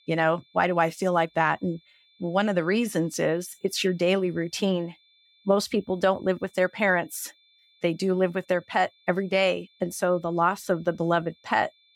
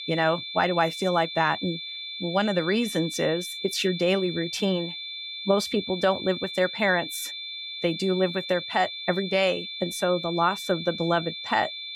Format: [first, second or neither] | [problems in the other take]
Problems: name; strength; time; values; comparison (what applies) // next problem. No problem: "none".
first | high-pitched whine; loud; throughout; 3.5 kHz, 7 dB below the speech; faint in the first